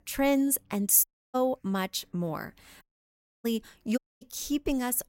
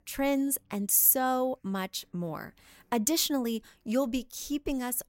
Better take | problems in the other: second | audio cutting out; at 1 s, at 3 s for 0.5 s and at 4 s

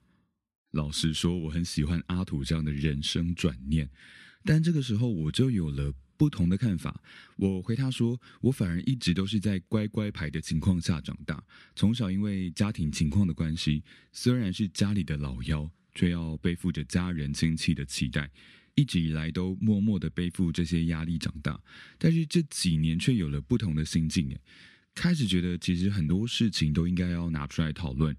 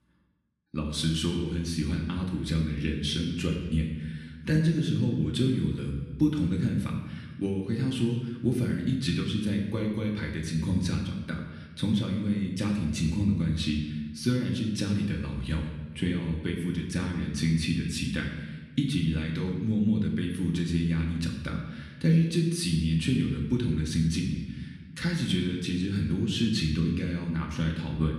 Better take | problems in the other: first | room echo; noticeable; dies away in 1 s // off-mic speech; somewhat distant

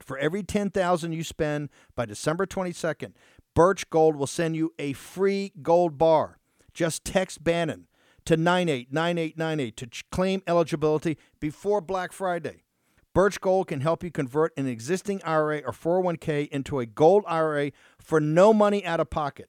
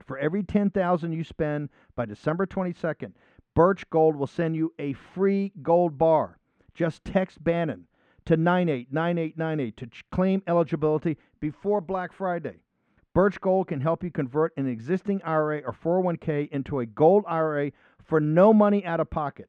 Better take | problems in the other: first | muffled; very; fading above 2 kHz

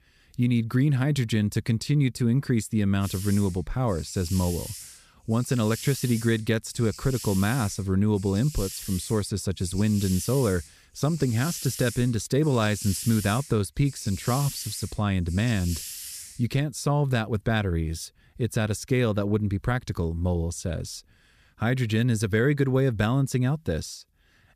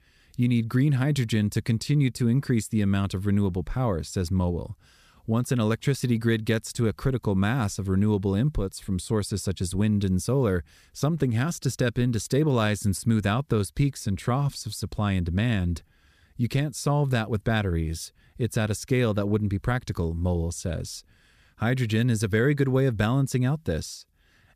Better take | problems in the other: second | hiss; noticeable; from 3 to 17 s; 10 dB below the speech

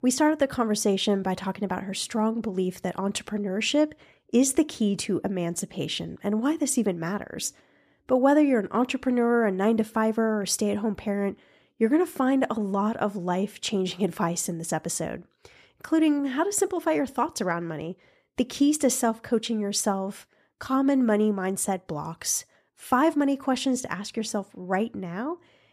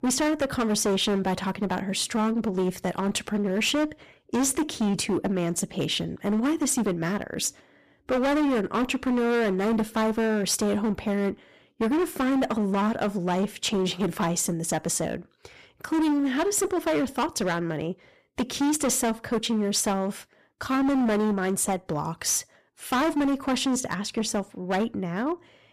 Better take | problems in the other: first | distortion; heavy; 17% of the sound clipped

